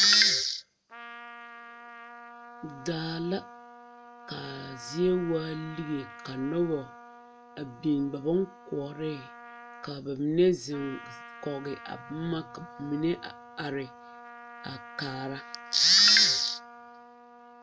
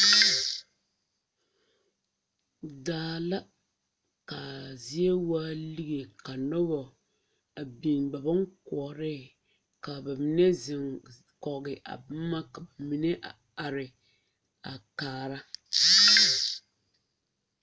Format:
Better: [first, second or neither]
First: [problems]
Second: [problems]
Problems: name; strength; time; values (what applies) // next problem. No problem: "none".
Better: second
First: background sound (Trumpet); 17 dB below the speech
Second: none